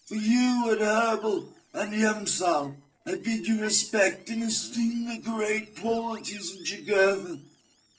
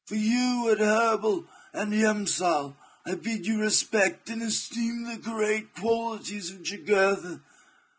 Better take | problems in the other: second | noise reduction (neural separator model SepFormer DNS4)

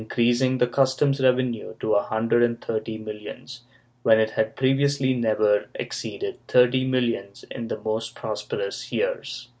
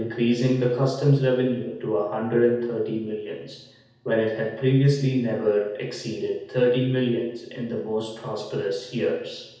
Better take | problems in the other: first | room echo; dies away in 0.8 s

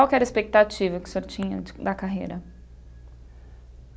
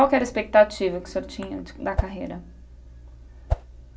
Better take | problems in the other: first | background sound (Whoosh, swoosh, swish); 2 dB below the speech // room echo; dies away in 0.2 s

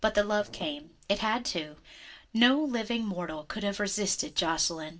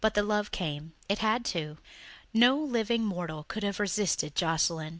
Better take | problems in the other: second | noise reduction (neural separator model SepFormer DNS4)

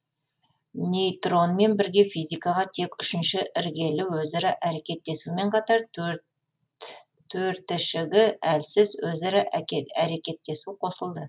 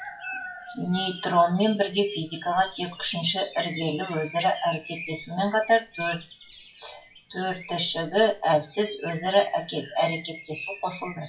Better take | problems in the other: first | noise reduction (classical method WPE with log-MMSE)

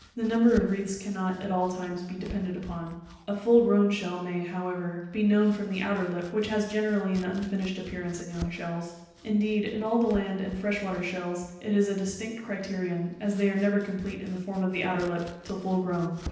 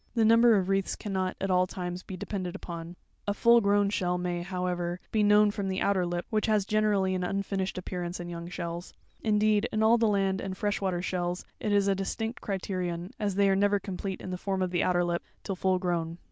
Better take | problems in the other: second | background sound (Domestic sounds, home sounds); 20 dB below the speech // room echo; dies away in 0.9 s

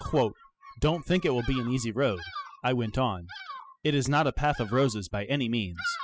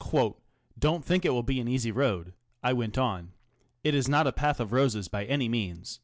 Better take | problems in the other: second | noise reduction (classical method spectral subtraction)

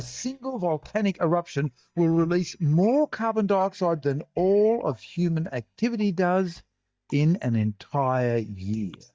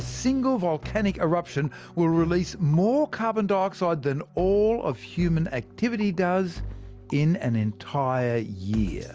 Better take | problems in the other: second | noise reduction (neural mask model DeepFilterNet 3)

